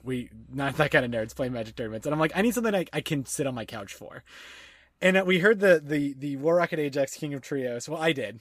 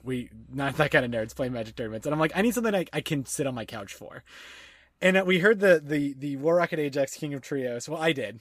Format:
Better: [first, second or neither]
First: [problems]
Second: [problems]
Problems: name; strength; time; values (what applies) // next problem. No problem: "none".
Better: neither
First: none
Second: none